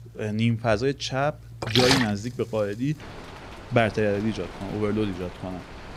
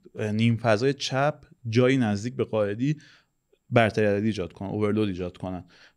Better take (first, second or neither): second